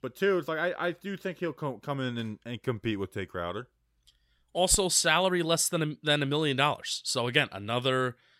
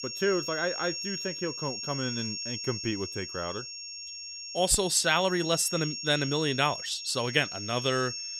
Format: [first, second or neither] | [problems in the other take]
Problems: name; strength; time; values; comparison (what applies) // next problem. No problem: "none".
first | high-pitched whine; loud; throughout; 5.5 kHz, 6 dB below the speech